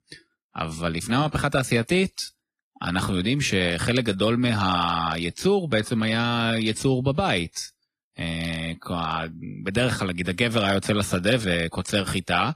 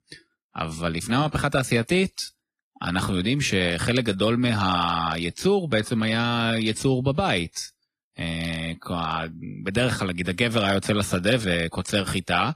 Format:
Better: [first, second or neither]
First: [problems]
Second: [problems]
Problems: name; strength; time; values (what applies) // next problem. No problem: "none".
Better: neither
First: garbled, watery; slightly; nothing above 14.5 kHz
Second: garbled, watery; slightly; nothing above 14.5 kHz